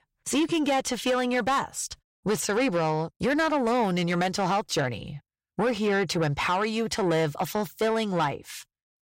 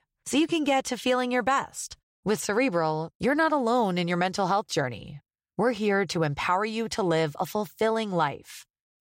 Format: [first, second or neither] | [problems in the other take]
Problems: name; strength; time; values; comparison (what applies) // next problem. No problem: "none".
second | distortion; slight; 10 dB below the speech